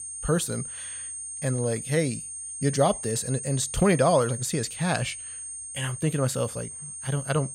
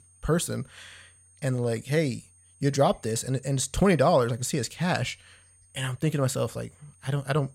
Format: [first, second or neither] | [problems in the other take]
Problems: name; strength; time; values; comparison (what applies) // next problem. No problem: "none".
second | high-pitched whine; loud; throughout; 8.5 kHz, 8 dB below the speech; faint in the second